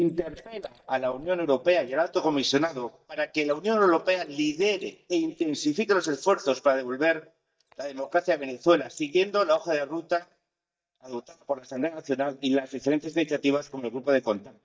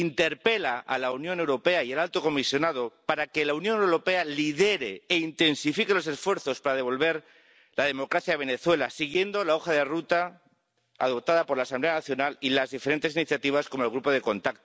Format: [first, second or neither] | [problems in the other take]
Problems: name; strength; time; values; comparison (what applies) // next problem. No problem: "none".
second | noise reduction (neural mask model DeepFilterNet 3)